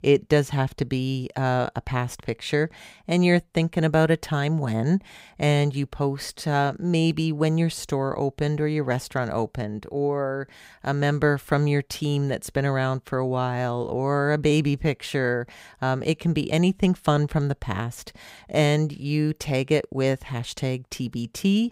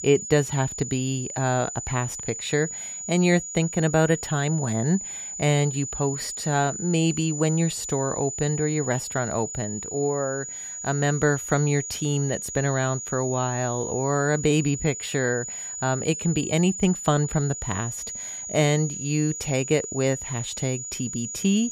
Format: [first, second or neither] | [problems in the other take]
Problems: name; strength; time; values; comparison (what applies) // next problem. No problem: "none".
first | high-pitched whine; loud; throughout; 7 kHz, 6 dB below the speech